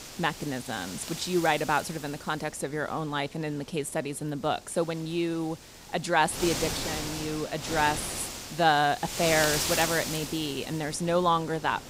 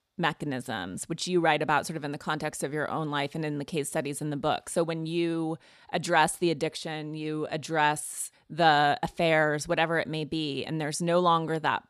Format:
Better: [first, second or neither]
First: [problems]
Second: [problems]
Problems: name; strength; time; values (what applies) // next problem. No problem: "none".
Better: second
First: wind noise on the microphone; heavy; 6 dB below the speech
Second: none